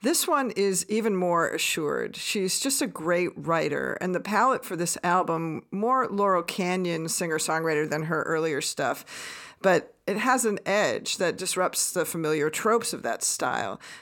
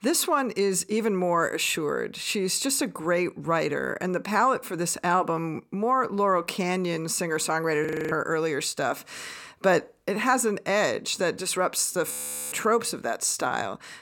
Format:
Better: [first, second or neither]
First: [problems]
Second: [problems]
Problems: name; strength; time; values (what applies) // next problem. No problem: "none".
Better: first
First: none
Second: audio freezing; at 8 s and at 12 s